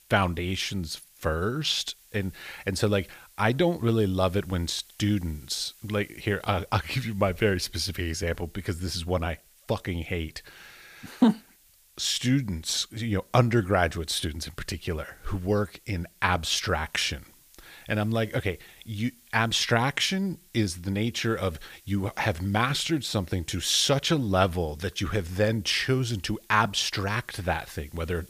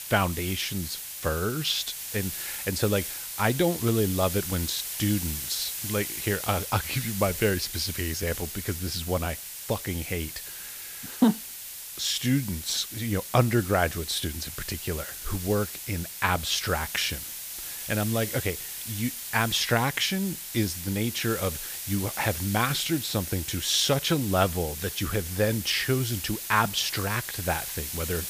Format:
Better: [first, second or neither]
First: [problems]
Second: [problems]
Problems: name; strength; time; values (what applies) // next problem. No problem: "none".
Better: first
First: hiss; faint; throughout; 25 dB below the speech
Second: hiss; loud; throughout; 6 dB below the speech